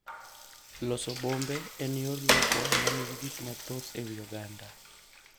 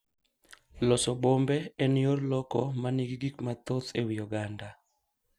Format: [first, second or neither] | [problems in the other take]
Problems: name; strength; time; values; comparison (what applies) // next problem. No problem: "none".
second | background sound (Water); 3 dB above the speech